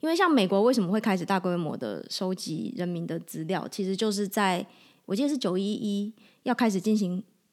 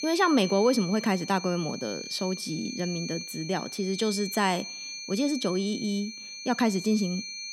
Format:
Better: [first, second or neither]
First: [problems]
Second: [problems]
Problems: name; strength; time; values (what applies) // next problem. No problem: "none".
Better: first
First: none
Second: high-pitched whine; loud; throughout; 4.5 kHz, 8 dB below the speech